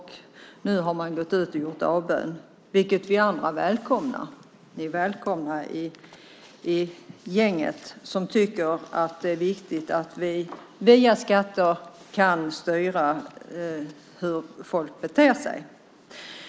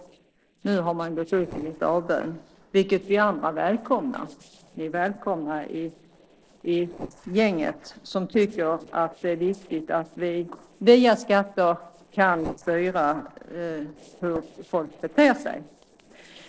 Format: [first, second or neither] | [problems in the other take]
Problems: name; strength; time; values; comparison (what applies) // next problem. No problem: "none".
first | noise reduction (neural separator model SepFormer DNS4)